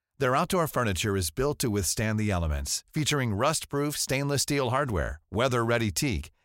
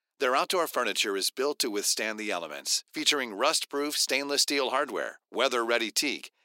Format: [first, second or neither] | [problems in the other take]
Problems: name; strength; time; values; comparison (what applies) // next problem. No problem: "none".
first | thin; somewhat; fading below 300 Hz